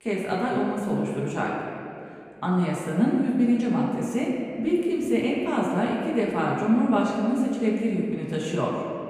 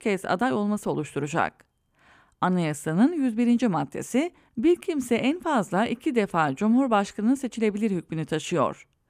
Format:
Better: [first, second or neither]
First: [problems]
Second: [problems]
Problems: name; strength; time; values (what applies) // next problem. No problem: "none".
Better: second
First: room echo; noticeable; dies away in 2.3 s // off-mic speech; far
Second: none